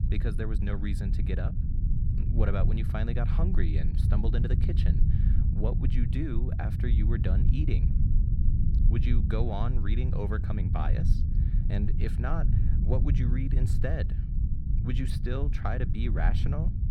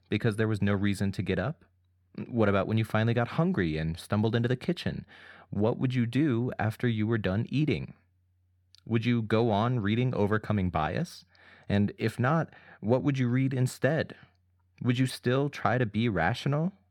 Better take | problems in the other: second | low rumble; loud; throughout; 4 dB below the speech

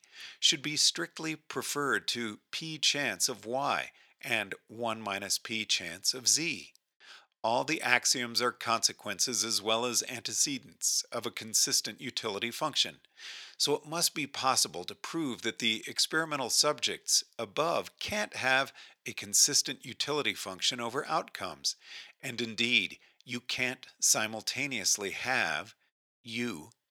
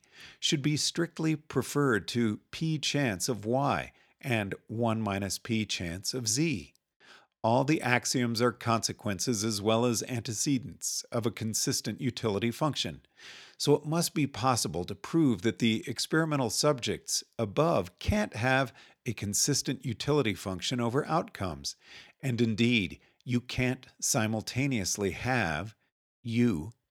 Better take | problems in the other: second | thin; somewhat; fading below 1 kHz

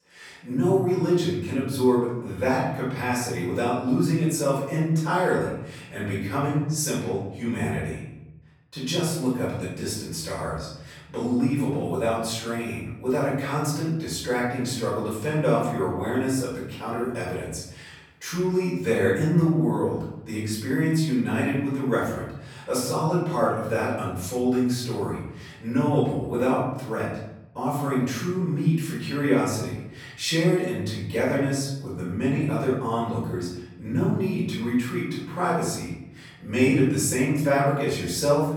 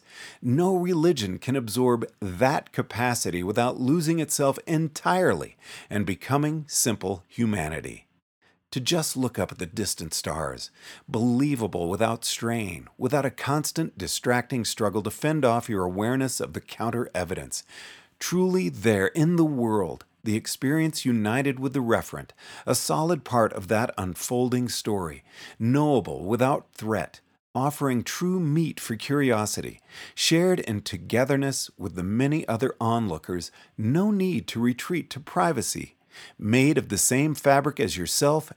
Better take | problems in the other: second | off-mic speech; far // room echo; noticeable; dies away in 0.9 s

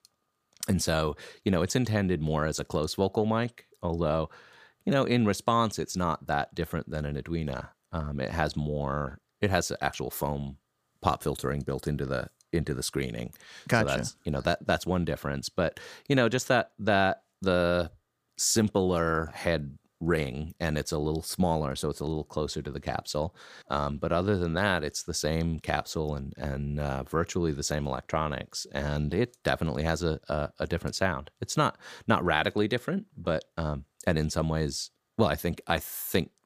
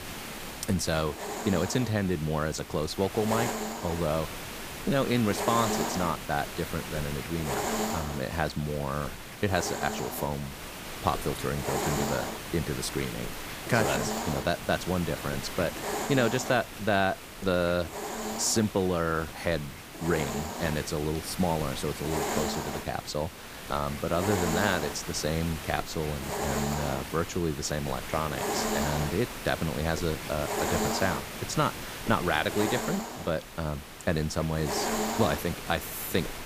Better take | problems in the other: first | hiss; loud; throughout; 4 dB below the speech

